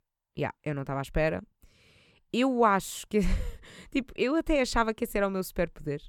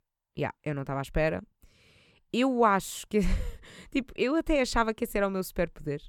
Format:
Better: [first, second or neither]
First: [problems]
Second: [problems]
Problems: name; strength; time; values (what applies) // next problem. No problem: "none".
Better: neither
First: none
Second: none